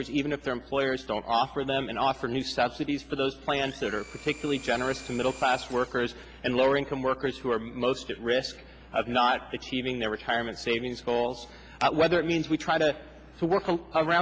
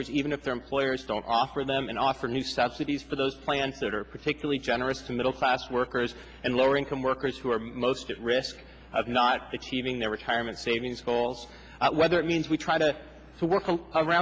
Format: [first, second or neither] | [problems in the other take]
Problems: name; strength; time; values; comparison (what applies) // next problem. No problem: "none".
second | background sound (Domestic sounds, home sounds + Finger snapping); 18 dB below the speech